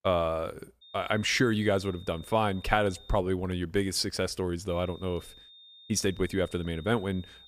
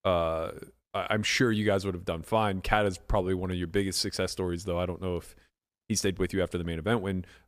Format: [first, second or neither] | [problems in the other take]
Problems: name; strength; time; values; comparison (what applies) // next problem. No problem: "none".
second | high-pitched whine; faint; from 1 to 3 s and from 4.5 s on; 3.5 kHz, 20 dB below the speech